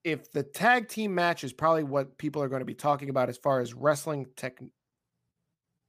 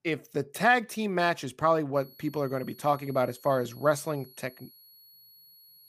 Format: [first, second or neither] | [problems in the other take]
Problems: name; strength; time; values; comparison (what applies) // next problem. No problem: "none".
first | high-pitched whine; faint; from 2 s on; 11.5 kHz, 25 dB below the speech